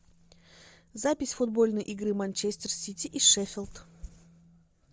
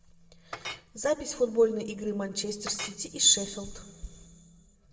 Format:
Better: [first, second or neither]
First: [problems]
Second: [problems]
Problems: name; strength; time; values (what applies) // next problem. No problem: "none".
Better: first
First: none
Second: background sound (Chink, clink); 15 dB below the speech // room echo; dies away in 1.3 s